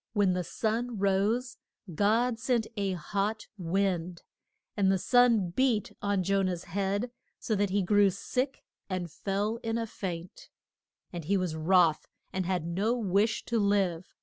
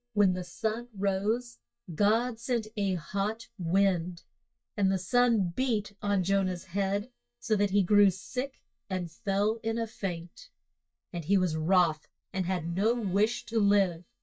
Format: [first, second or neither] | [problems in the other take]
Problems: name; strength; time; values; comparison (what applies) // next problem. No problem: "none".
first | noise reduction (neural mask model DeepFilterNet 3)